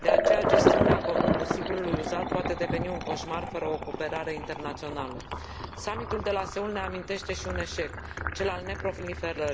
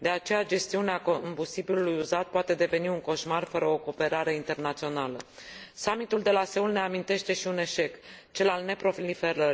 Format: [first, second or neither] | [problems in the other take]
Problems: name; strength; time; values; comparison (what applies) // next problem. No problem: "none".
second | background sound (Thunder / Traffic noise, roadway noise / Rain / Insect + Liquid); 4 dB above the speech